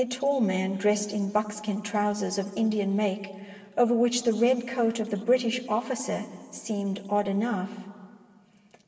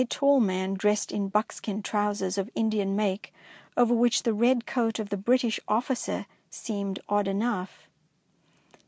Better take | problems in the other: second | room echo; dies away in 2 s

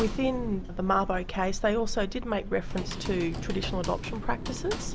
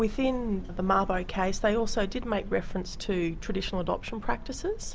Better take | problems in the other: second | background sound (Computer keyboard); 10 dB below the speech

